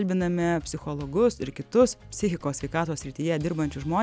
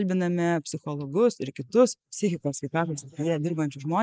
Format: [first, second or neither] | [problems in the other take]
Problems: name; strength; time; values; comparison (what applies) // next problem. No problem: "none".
first | noise reduction (neural mask model Resemble Enhance denoiser)